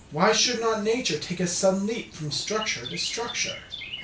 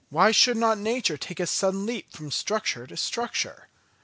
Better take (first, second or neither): second